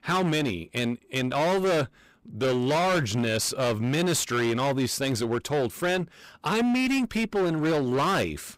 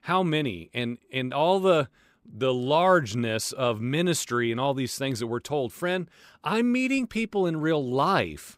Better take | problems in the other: second | distortion; heavy; 24% of the sound clipped

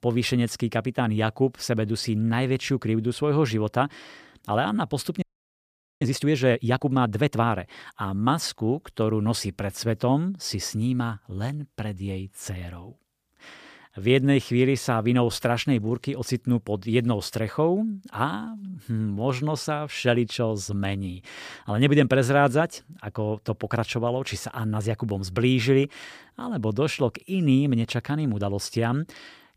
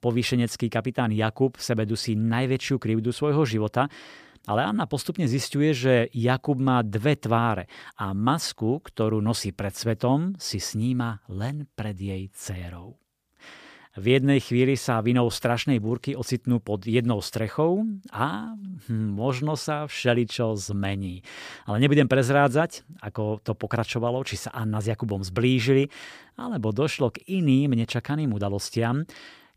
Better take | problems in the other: second | audio freezing; at 5 s for 1 s

